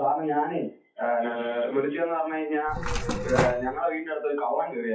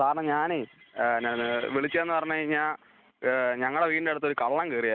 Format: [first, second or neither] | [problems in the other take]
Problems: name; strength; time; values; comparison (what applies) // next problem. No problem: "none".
second | noise reduction (classical method WPE with log-MMSE)